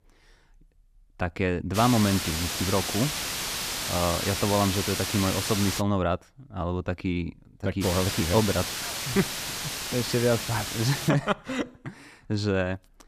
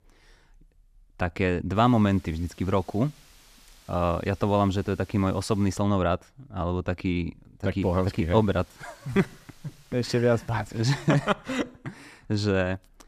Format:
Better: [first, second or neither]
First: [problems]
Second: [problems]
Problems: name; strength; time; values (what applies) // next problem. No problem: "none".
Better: second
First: hiss; loud; from 2 to 6 s and from 8 to 11 s; 2 dB below the speech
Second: hiss; faint; from 2 to 6 s and from 8 to 11 s; 30 dB below the speech